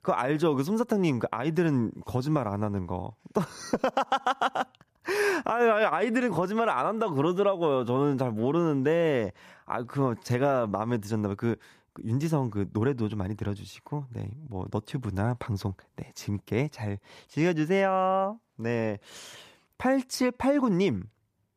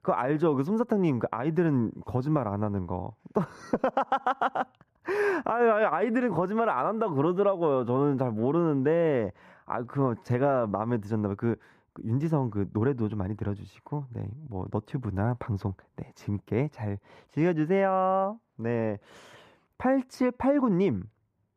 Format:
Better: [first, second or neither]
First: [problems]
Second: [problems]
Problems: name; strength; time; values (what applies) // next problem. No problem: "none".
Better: first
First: none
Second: muffled; slightly; fading above 2.5 kHz